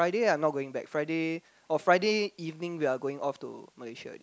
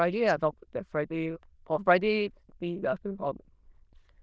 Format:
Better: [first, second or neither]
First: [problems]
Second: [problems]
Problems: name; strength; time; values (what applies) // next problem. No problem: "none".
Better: first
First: none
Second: noise reduction (neural diffusion model UNIVERSE++)